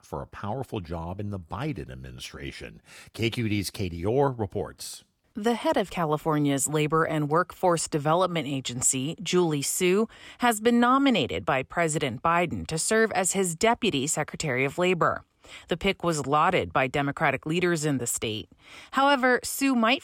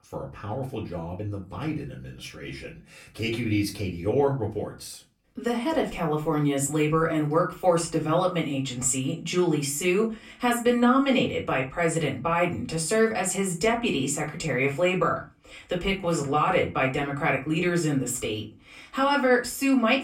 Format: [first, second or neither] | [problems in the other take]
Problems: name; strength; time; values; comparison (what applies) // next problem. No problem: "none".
first | off-mic speech; far // room echo; very slight; dies away in 0.3 s